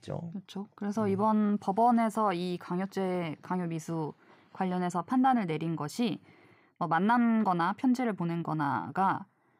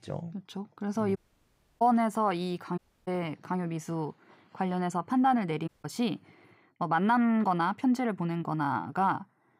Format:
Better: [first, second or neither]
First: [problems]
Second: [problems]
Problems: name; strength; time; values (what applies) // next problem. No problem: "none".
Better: first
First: none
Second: audio cutting out; at 1 s for 0.5 s, at 3 s and at 5.5 s